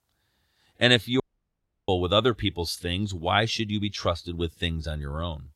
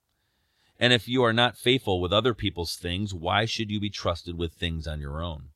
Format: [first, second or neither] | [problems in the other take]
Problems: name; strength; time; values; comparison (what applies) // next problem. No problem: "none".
second | audio cutting out; at 1 s for 0.5 s